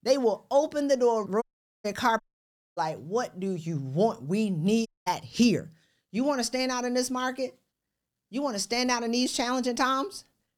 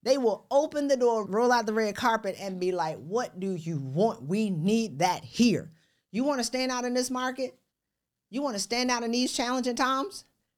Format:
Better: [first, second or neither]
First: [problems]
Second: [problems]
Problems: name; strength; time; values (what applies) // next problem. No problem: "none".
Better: second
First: audio cutting out; at 1.5 s, at 2 s for 0.5 s and at 5 s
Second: none